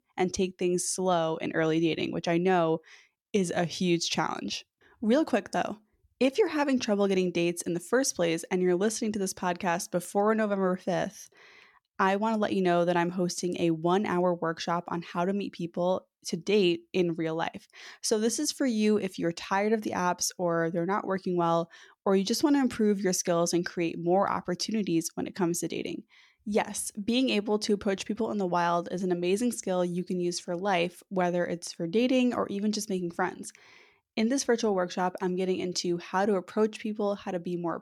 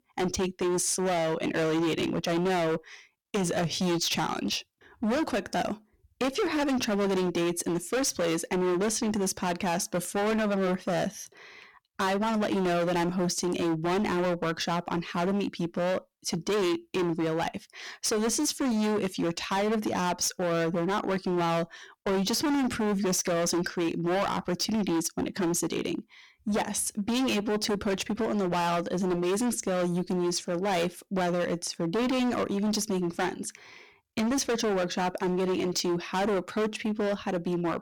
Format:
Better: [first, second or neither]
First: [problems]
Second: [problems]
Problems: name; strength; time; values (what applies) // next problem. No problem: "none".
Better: first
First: none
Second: distortion; heavy; 25% of the sound clipped